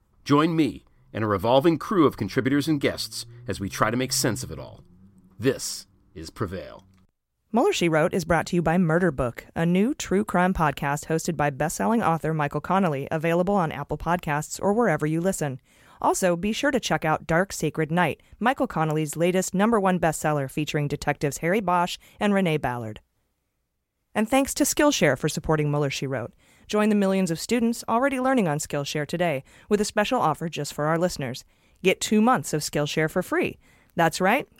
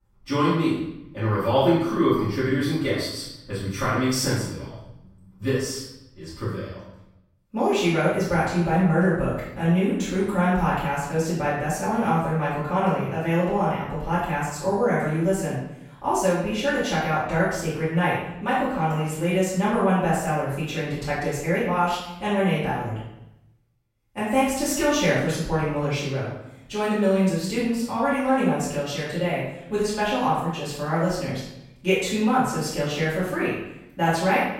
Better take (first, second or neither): first